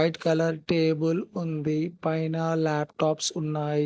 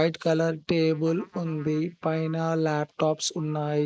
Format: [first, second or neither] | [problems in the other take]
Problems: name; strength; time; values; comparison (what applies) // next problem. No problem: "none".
first | noise reduction (neural mask model Resemble Enhance denoiser)